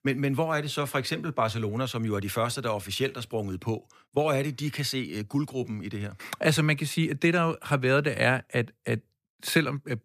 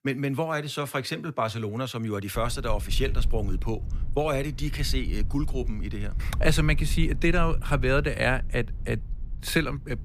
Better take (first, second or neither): first